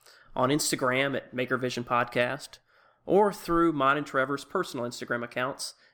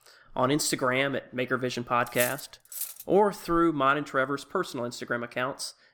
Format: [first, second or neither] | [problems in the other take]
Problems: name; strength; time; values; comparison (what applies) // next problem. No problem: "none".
first | clattering dishes; noticeable; at 2 s; peak 5 dB below the speech